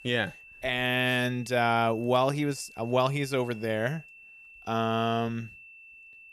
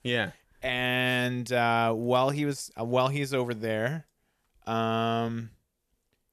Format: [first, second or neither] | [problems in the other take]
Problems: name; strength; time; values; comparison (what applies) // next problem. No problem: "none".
second | high-pitched whine; faint; throughout; 2.5 kHz, 20 dB below the speech